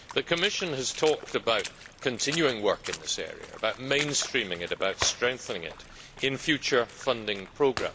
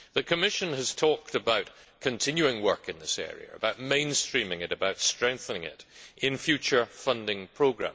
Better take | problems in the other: second | background sound (Shatter + Water / Splash, splatter); 13 dB below the speech

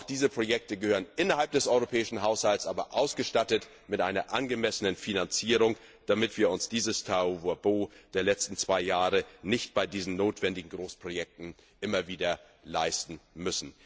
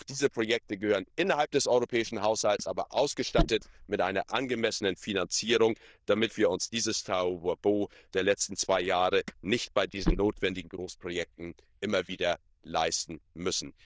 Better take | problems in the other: first | noise reduction (neural diffusion model UNIVERSE++)

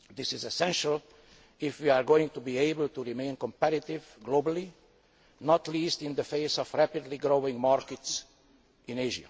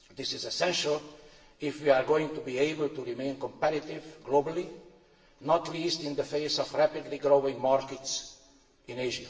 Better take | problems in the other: first | room echo; dies away in 0.9 s

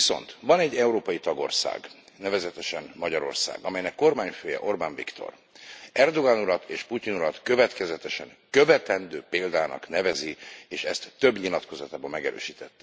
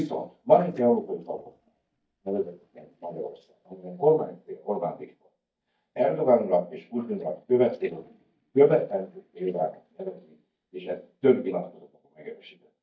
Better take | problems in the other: first | noise reduction (neural mask model DeepFilterNet 3)

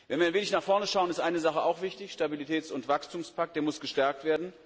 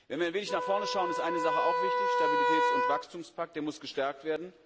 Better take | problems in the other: first | background sound (Wind instrument, woodwind instrument); 3 dB above the speech

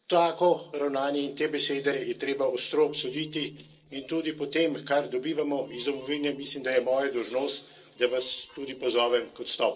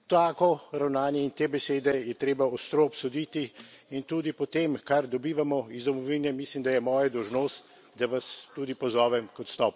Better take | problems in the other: second | noise reduction (neural separator model SepFormer DNS4)

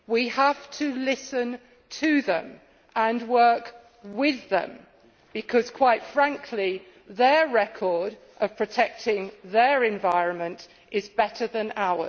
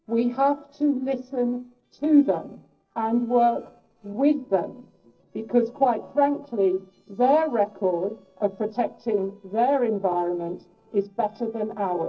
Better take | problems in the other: first | noise reduction (neural separator model SepFormer DNS4)

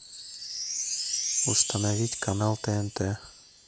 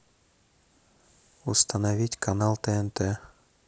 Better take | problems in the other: second | background sound (Wind chime); 3 dB below the speech

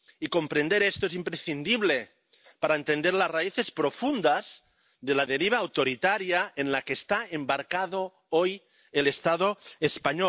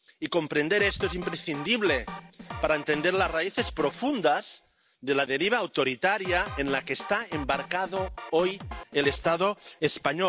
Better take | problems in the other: first | background sound (Drum kit); 12 dB below the speech

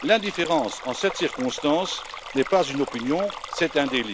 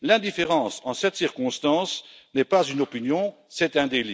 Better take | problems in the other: second | background sound (Stream); 12 dB below the speech

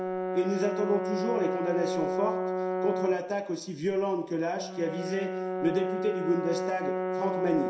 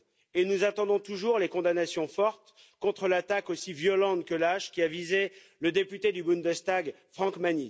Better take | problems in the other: second | background sound (Brass instrument); 1 dB below the speech // room echo; dies away in 0.7 s

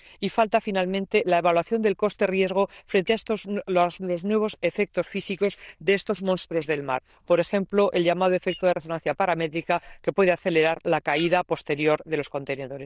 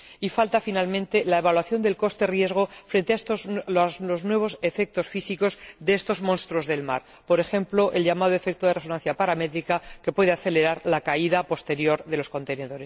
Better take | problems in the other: second | noise reduction (neural diffusion model UNIVERSE++)

